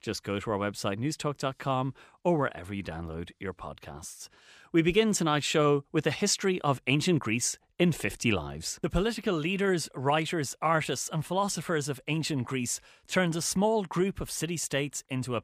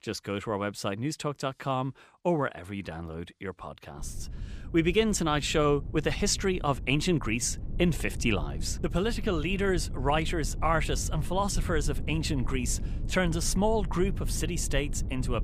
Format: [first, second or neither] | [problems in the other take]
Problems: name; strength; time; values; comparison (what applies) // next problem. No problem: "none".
first | low rumble; noticeable; from 4 s on; 20 dB below the speech